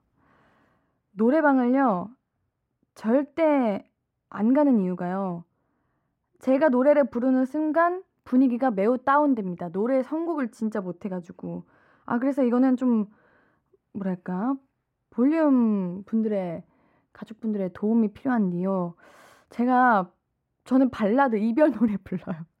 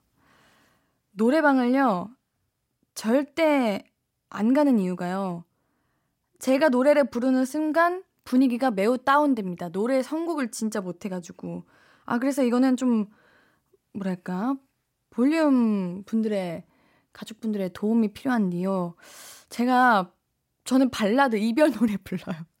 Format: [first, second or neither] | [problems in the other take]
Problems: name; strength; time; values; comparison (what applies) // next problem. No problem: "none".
second | muffled; very; fading above 2.5 kHz